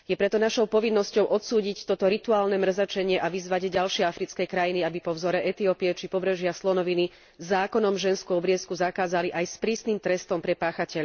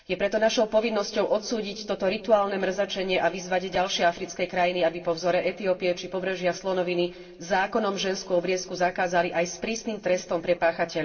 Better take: first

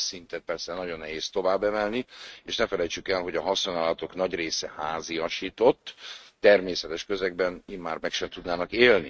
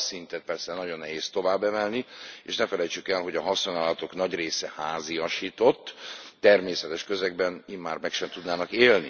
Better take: second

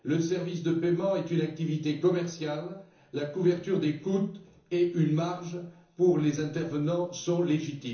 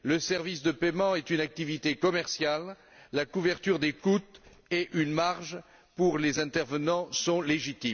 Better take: second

